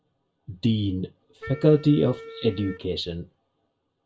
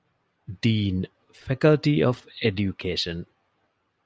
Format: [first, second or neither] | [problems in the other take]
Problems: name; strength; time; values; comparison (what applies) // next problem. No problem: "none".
second | background sound (Wind instrument, woodwind instrument); 17 dB below the speech // room echo; dies away in 0.1 s